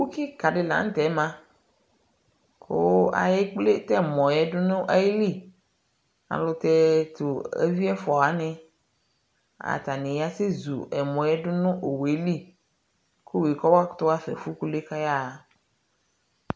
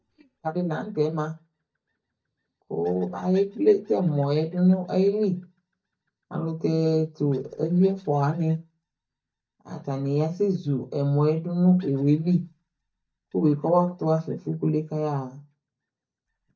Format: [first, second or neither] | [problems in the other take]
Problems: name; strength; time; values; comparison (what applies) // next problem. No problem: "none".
first | noise reduction (neural mask model DeepFilterNet 3)